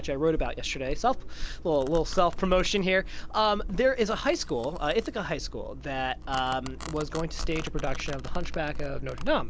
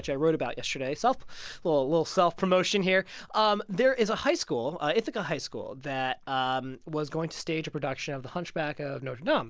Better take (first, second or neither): second